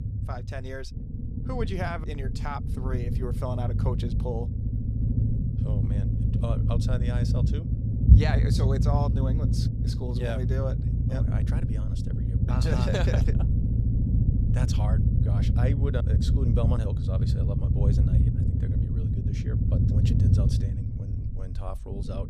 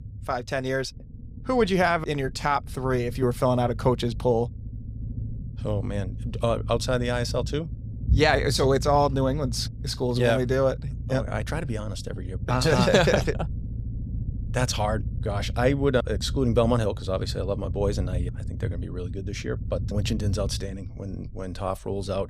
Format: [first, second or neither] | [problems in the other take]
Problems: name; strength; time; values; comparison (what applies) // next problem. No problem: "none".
second | low rumble; loud; throughout; 2 dB below the speech; faint in the second